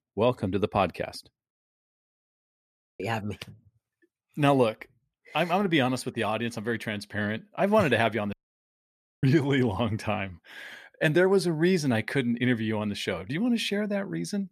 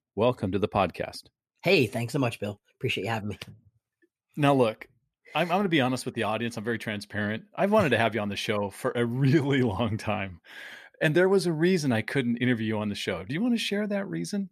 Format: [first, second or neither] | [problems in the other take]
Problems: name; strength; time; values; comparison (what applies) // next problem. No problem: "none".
second | audio cutting out; at 1.5 s for 1.5 s and at 8.5 s for 1 s